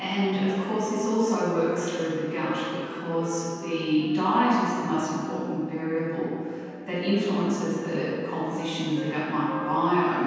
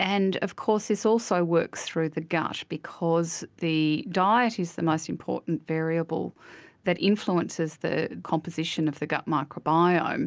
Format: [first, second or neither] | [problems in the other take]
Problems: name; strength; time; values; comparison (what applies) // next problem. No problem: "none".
second | background sound (Wind instrument, woodwind instrument); 16 dB below the speech // room echo; dies away in 2.1 s